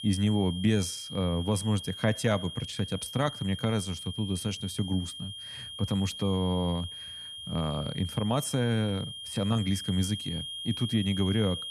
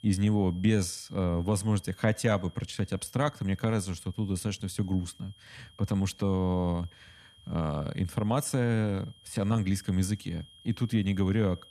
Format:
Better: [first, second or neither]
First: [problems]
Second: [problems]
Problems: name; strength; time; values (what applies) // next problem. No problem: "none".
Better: second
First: high-pitched whine; loud; throughout; 3 kHz, 8 dB below the speech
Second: high-pitched whine; faint; throughout; 3 kHz, 25 dB below the speech